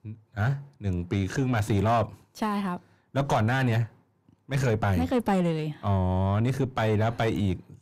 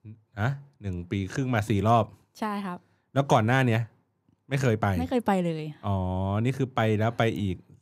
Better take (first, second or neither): second